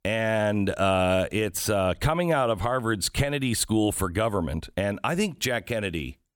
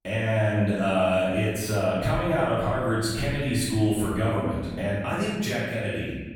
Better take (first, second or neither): first